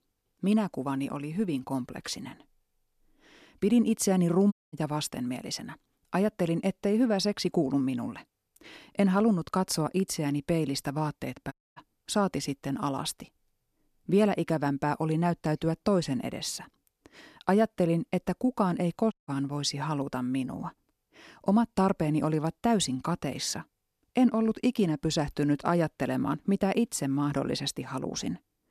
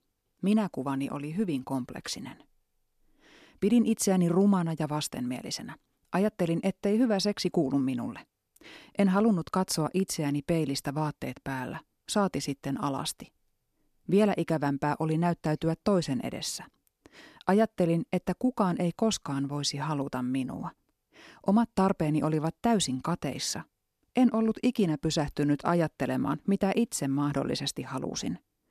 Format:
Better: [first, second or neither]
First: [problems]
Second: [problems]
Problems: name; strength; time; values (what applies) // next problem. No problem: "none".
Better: second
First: audio cutting out; at 4.5 s, at 12 s and at 19 s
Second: none